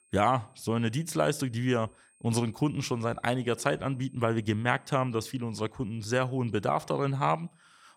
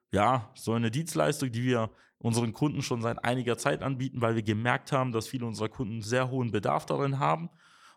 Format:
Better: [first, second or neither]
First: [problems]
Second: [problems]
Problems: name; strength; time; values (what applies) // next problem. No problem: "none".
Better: second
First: high-pitched whine; faint; throughout; 8.5 kHz, 35 dB below the speech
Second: none